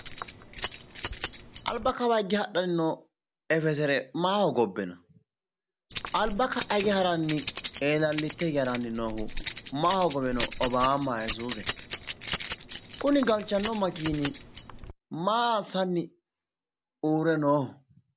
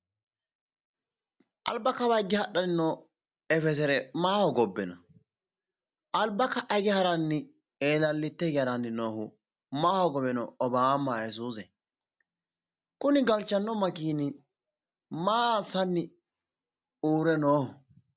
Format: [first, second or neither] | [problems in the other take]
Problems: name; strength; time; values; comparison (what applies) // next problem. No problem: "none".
second | background sound (Keys jangling); 11 dB below the speech